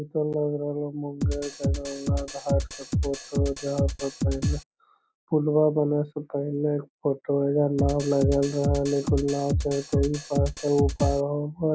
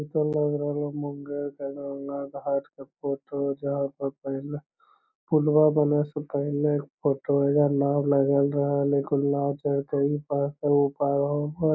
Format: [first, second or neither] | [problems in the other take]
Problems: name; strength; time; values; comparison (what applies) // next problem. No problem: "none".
second | background sound (Drum kit); 1 dB below the speech